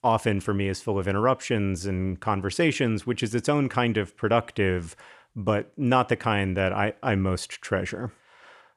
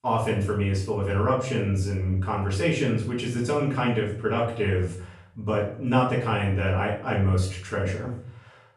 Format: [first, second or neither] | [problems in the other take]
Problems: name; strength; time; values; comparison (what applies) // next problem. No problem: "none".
first | off-mic speech; far // room echo; noticeable; dies away in 0.5 s